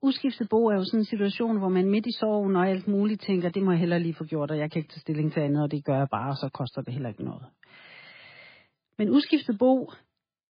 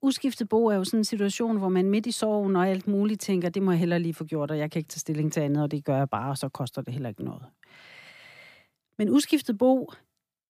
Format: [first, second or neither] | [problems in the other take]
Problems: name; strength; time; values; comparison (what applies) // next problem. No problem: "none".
second | garbled, watery; badly; nothing above 4.5 kHz